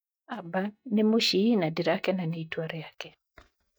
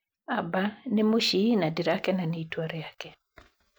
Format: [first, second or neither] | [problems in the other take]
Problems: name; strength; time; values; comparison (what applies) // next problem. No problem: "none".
second | noise reduction (neural mask model DeepFilterNet 3)